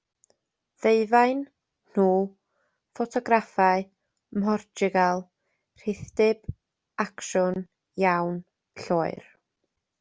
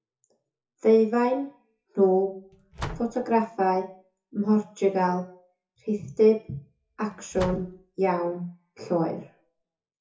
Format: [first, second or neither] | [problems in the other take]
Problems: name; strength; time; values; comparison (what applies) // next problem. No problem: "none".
first | noise reduction (classical method WPE with log-MMSE)